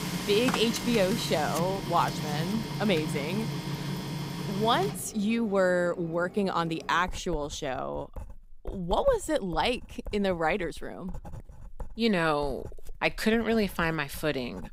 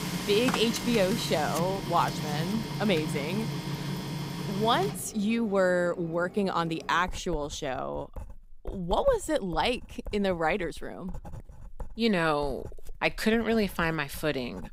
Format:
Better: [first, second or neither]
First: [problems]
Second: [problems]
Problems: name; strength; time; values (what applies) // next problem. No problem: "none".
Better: neither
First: household noises; loud; throughout; 8 dB below the speech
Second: household noises; loud; throughout; 8 dB below the speech